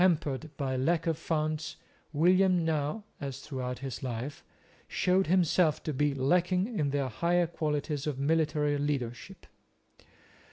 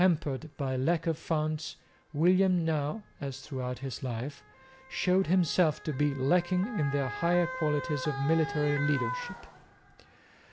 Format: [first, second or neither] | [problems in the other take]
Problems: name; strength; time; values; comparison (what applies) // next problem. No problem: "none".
first | background sound (Motor vehicle (road) / Siren); 13 dB below the speech